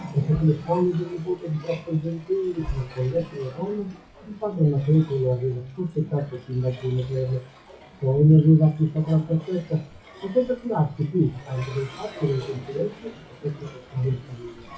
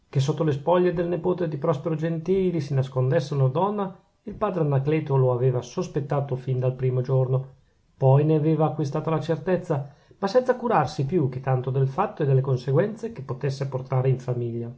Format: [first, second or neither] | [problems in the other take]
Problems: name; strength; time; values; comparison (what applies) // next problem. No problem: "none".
second | noise reduction (classical method WPE with log-MMSE)